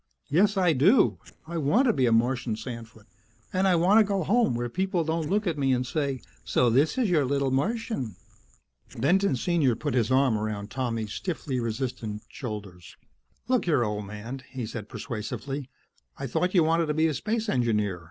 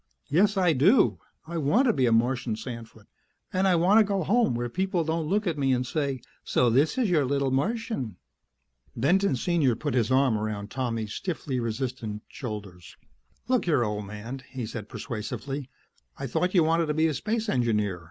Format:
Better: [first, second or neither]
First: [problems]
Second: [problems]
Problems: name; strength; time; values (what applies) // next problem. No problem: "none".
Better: second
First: noise reduction (neural separator model SepFormer DNS4)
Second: none